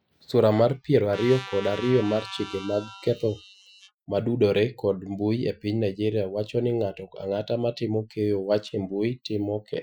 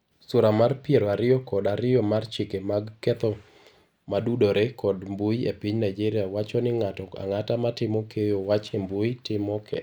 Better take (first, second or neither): second